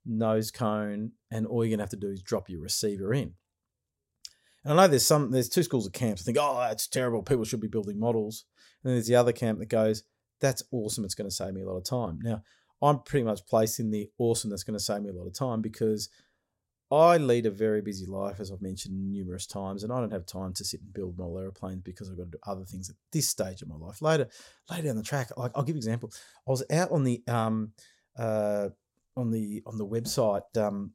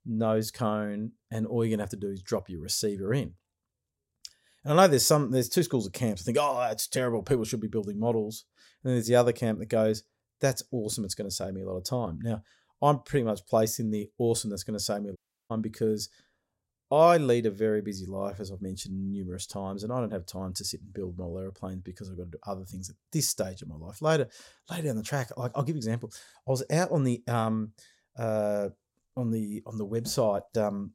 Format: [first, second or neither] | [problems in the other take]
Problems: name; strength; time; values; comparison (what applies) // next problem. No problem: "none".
first | audio cutting out; at 15 s